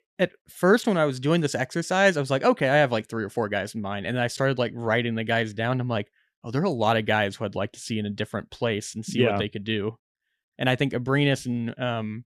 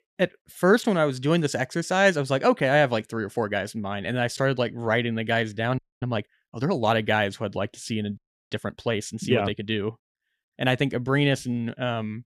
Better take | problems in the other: first | audio freezing; at 6 s and at 8 s

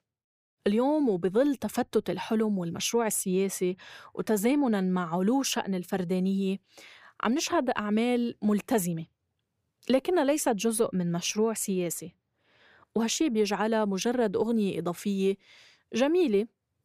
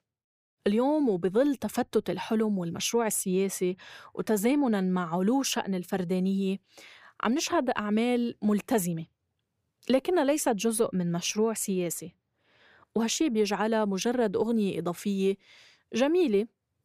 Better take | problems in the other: neither | none

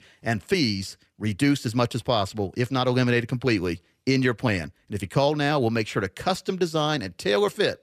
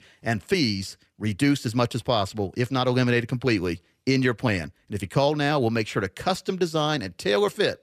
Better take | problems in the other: neither | none

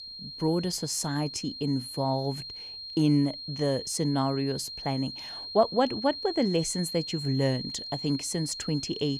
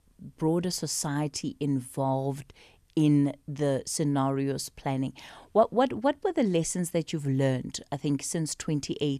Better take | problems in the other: second | high-pitched whine; loud; throughout; 4 kHz, 8 dB below the speech

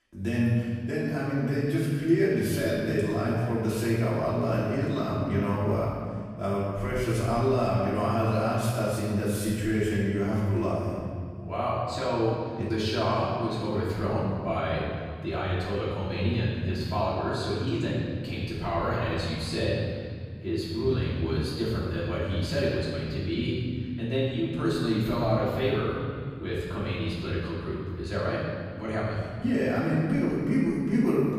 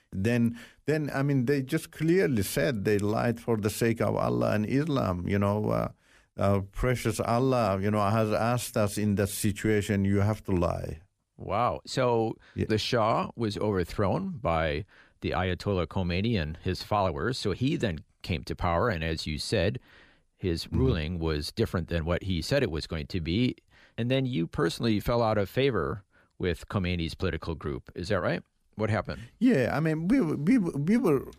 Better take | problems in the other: second | off-mic speech; far // room echo; strong; dies away in 2.1 s

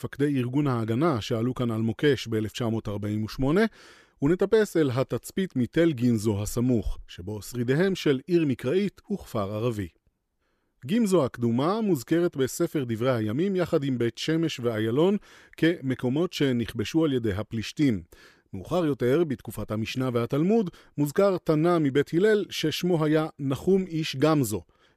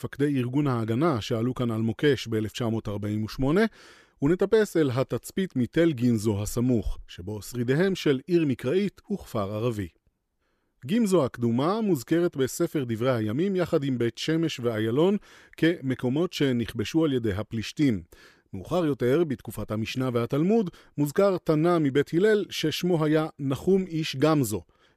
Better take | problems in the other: neither | none

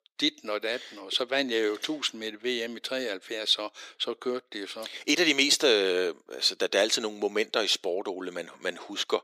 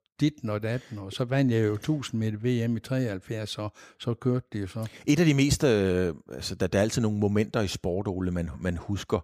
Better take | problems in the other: second | thin; somewhat; fading below 350 Hz

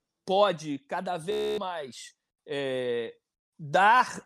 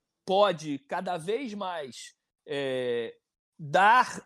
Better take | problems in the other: second | audio freezing; at 1.5 s

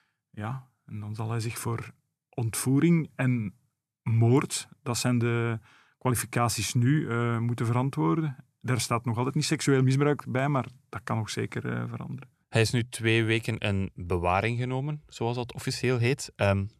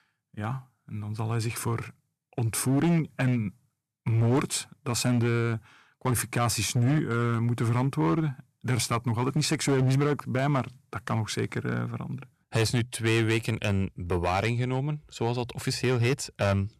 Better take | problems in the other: first | distortion; slight; 9% of the sound clipped

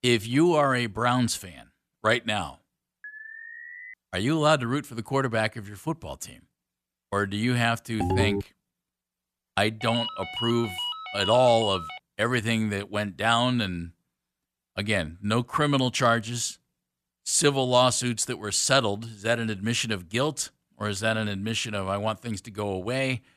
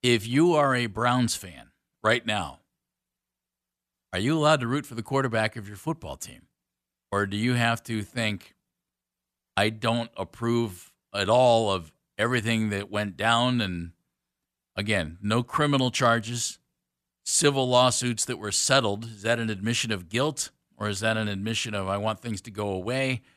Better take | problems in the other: second | alarm; faint; at 3 s; peak 15 dB below the speech // phone ringing; noticeable; at 8 s and from 10 to 12 s; peak level with the speech

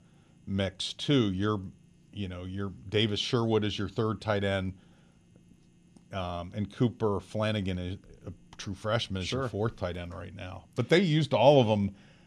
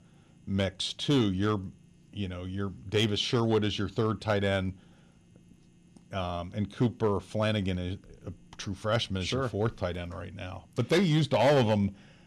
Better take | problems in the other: first | distortion; slight; 2% of the sound clipped

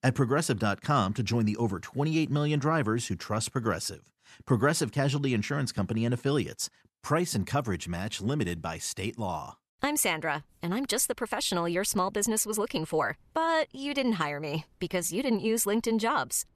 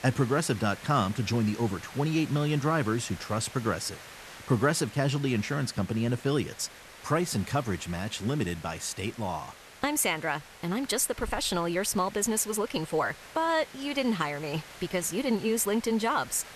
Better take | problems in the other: first | hiss; noticeable; throughout; 15 dB below the speech

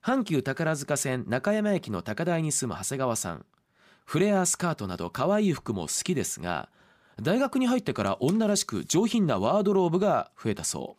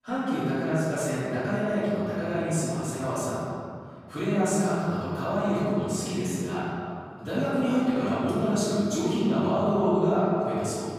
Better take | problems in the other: first | off-mic speech; far // room echo; strong; dies away in 2.2 s

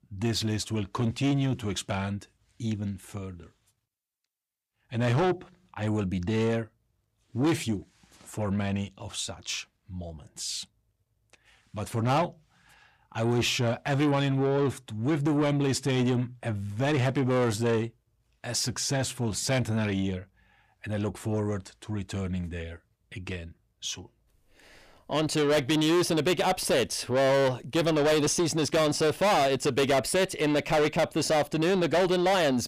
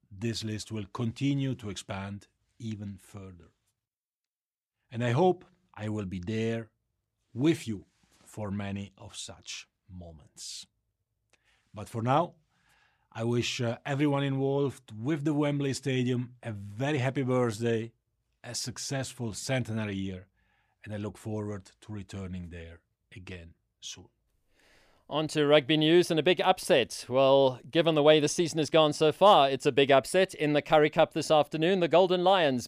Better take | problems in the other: second | distortion; heavy; 6 dB below the speech

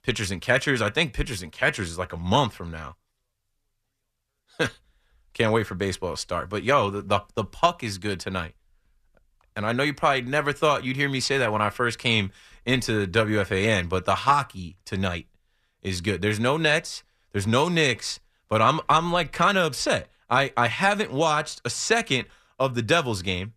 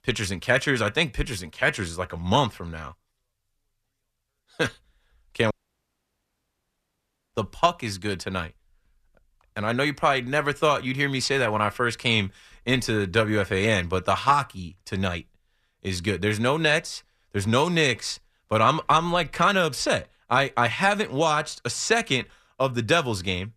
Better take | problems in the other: first | audio cutting out; at 5.5 s for 2 s

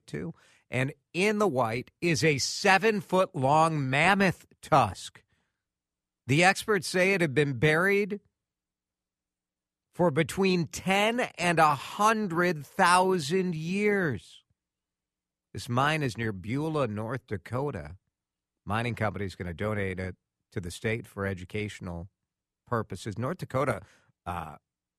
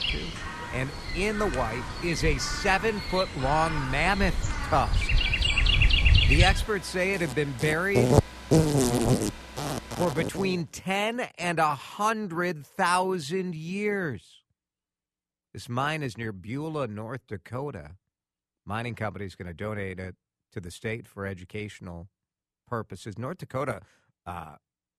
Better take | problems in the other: first | animal sounds; very loud; until 10 s; 2 dB above the speech

